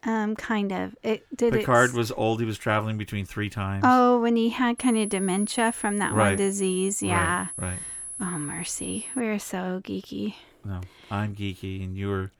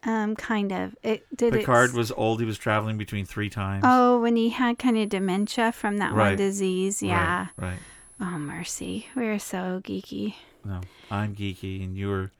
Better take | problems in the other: second | high-pitched whine; loud; from 5 to 9 s; 10.5 kHz, 8 dB below the speech; faint in the second

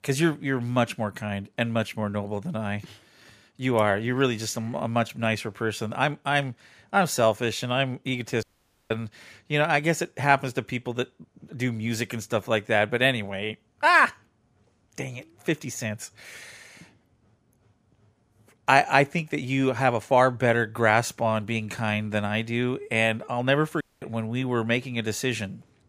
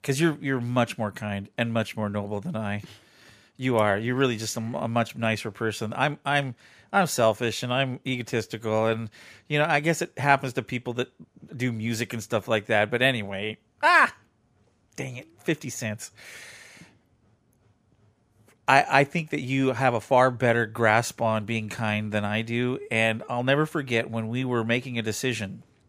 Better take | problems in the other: second | audio cutting out; at 8.5 s and at 24 s

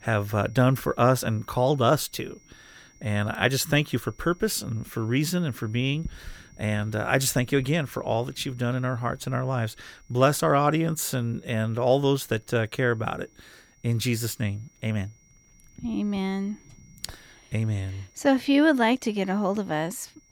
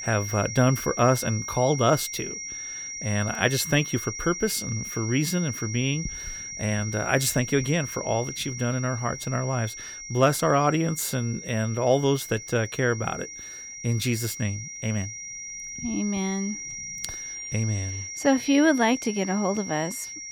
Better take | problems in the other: first | high-pitched whine; loud; throughout; 5.5 kHz, 8 dB below the speech; faint in the first

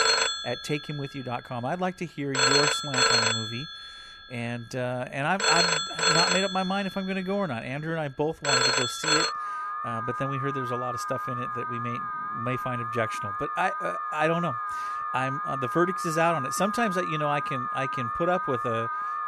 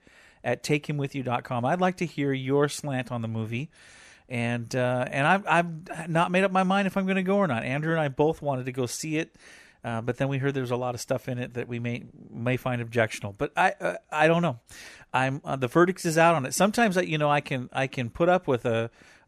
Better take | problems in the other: second | alarms or sirens; very loud; throughout; 3 dB above the speech

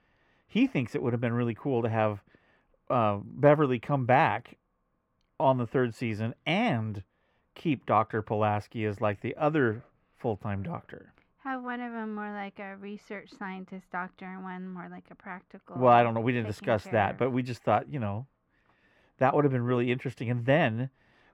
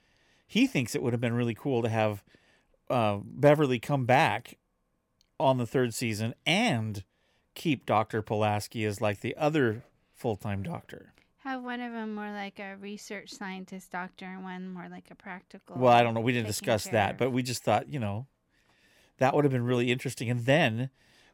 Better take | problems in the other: second | muffled; very; fading above 4 kHz

